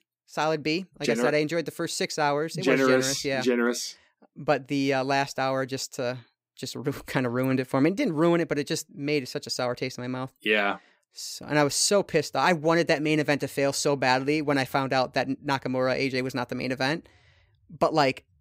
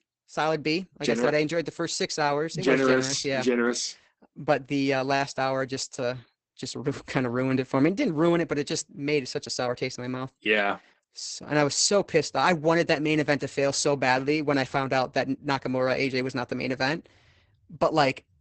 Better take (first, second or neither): first